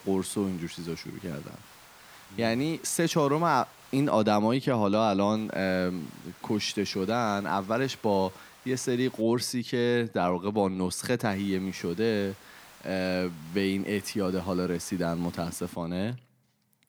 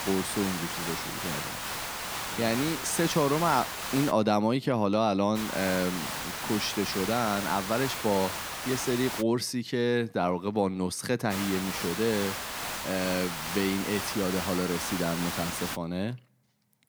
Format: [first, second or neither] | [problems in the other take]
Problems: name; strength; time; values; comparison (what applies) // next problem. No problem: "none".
first | hiss; loud; until 4 s, from 5.5 to 9 s and from 11 to 16 s; 4 dB below the speech; faint in the first